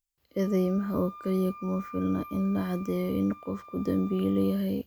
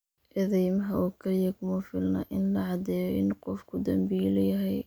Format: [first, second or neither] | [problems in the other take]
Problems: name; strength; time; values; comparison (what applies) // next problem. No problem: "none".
second | background sound (Wind instrument, woodwind instrument); 18 dB below the speech